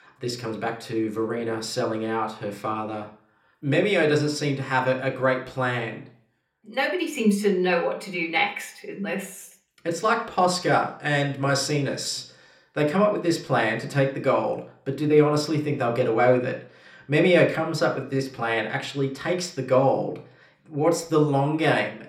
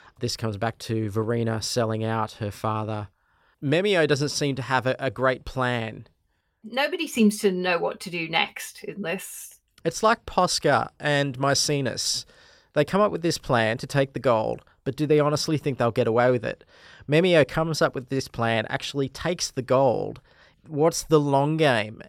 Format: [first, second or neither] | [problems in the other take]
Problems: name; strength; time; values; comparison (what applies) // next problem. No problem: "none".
second | room echo; very slight; dies away in 0.4 s